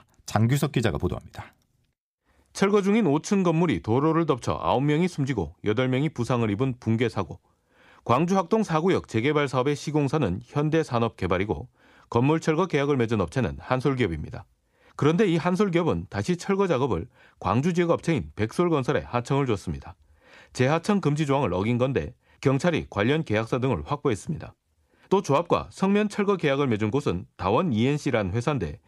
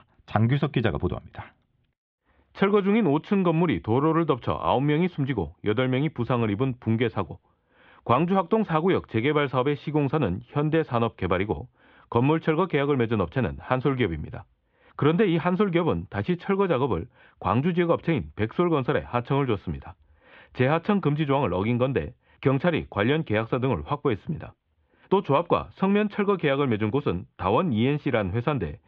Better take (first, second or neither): first